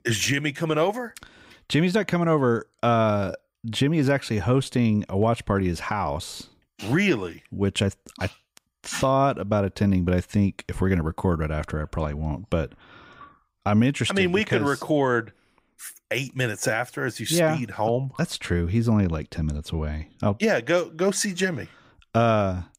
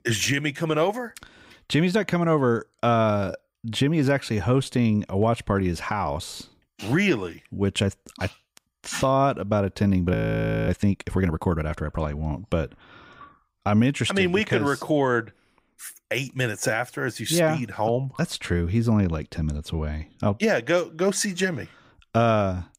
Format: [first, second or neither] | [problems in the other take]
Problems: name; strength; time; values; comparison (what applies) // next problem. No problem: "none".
first | audio freezing; at 10 s for 0.5 s